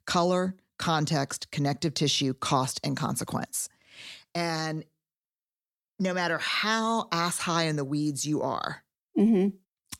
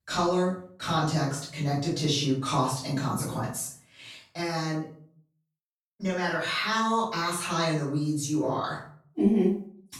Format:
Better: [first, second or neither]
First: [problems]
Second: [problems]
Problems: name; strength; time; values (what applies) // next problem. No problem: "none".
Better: first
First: none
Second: off-mic speech; far // room echo; noticeable; dies away in 0.4 s